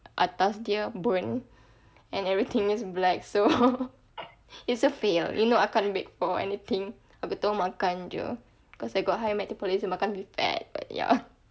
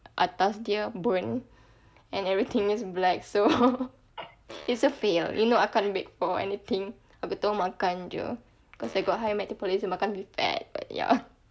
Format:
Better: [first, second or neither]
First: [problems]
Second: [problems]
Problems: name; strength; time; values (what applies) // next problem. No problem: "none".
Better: first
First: none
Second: background sound (Fart); 18 dB below the speech